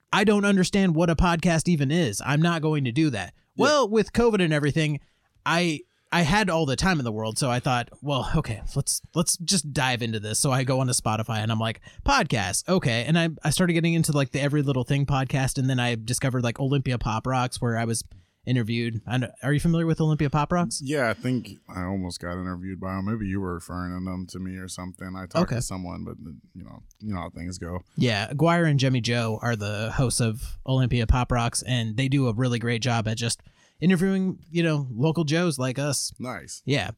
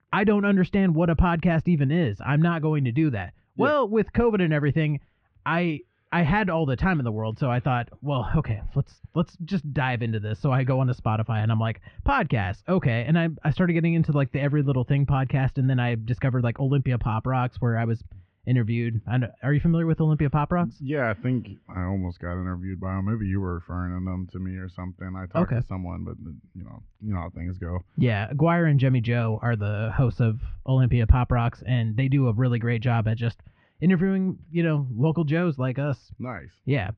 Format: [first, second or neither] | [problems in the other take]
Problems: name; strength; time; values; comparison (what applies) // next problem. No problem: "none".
first | muffled; very; fading above 2.5 kHz